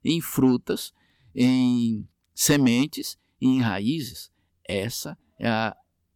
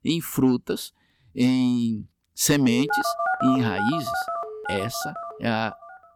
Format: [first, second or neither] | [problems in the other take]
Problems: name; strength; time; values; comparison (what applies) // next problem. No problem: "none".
first | phone ringing; loud; from 2.5 s on; peak level with the speech